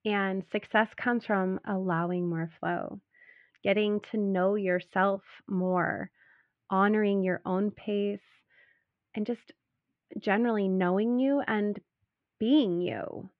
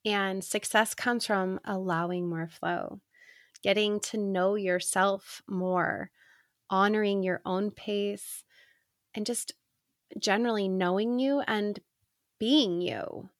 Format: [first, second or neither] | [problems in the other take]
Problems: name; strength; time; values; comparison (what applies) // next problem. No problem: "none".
second | muffled; very; fading above 2.5 kHz